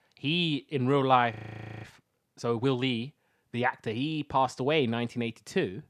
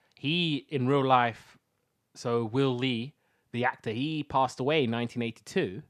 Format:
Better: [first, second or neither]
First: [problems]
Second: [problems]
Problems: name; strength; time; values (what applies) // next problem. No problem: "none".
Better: second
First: audio freezing; at 1.5 s for 0.5 s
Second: none